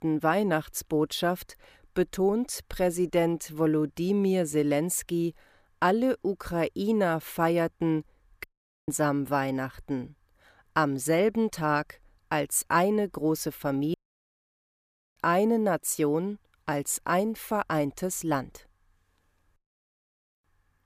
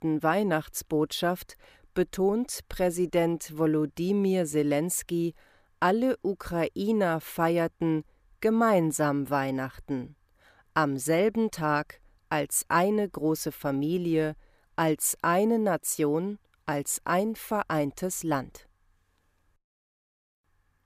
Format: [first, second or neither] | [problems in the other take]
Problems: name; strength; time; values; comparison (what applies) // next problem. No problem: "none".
second | audio cutting out; at 8.5 s and at 14 s for 1 s